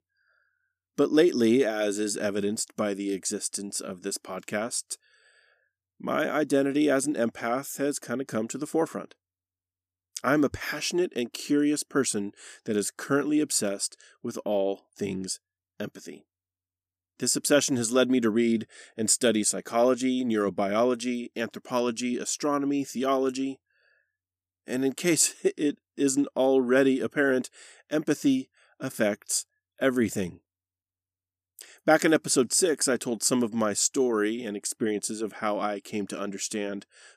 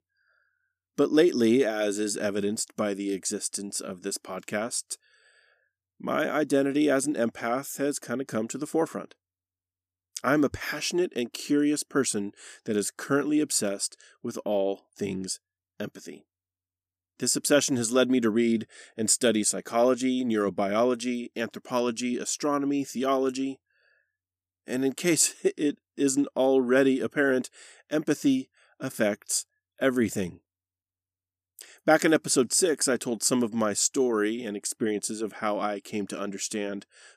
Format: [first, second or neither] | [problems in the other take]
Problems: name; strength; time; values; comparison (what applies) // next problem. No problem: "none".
neither | none